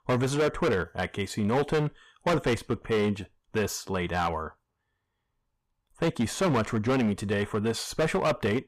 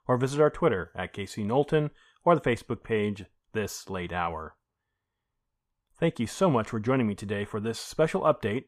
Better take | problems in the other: second | distortion; heavy; 10% of the sound clipped

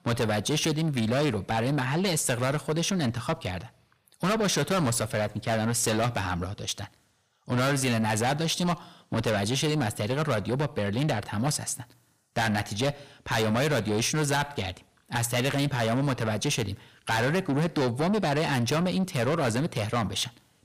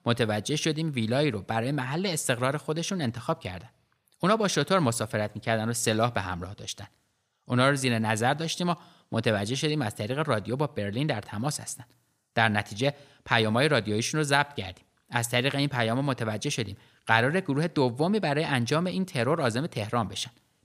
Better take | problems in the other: second | distortion; heavy; 6 dB below the speech

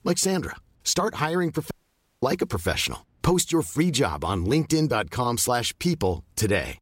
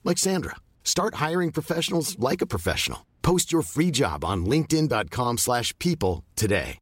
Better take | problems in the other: second | audio cutting out; at 1.5 s for 0.5 s

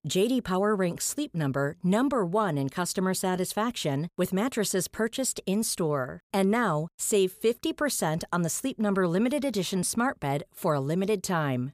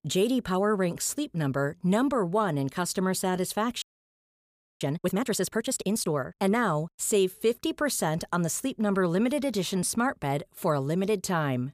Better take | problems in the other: first | audio freezing; at 4 s for 1 s

